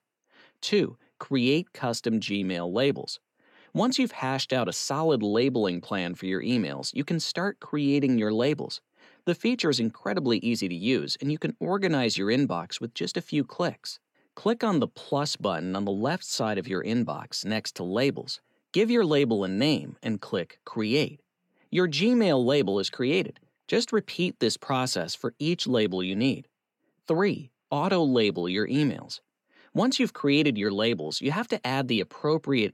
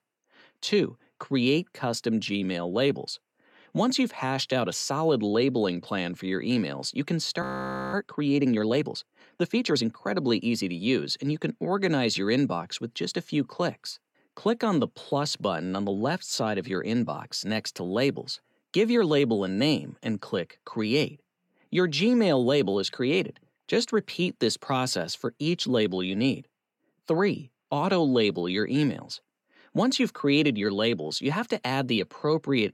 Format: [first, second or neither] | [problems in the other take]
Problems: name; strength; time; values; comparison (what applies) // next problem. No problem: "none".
first | audio freezing; at 7.5 s for 0.5 s